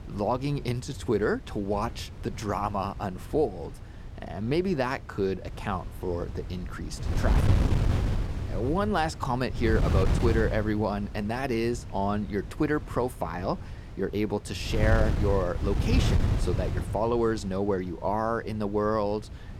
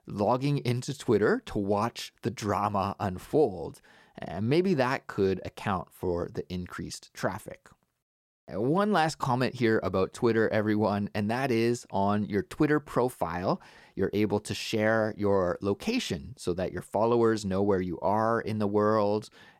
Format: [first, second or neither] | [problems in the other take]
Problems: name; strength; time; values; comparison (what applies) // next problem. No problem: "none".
second | wind noise on the microphone; occasional gusts; 10 dB below the speech